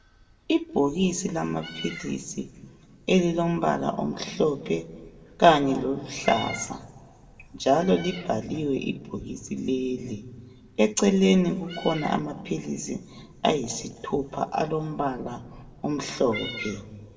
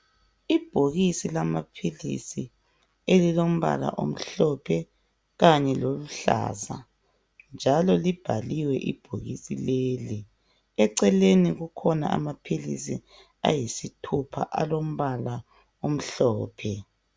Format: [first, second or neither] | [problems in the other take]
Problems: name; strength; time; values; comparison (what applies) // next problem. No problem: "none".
second | background sound (Meow); 19 dB below the speech // room echo; dies away in 1 s